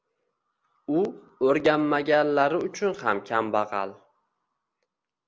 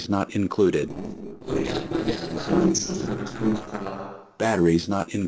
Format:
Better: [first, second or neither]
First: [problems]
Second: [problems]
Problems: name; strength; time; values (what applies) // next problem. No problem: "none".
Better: first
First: none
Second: noise reduction (neural separator model SepFormer DNS4)